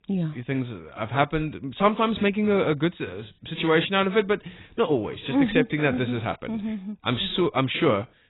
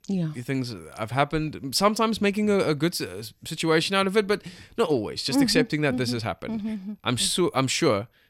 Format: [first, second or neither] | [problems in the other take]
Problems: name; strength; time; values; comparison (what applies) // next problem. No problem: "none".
second | garbled, watery; badly; nothing above 4 kHz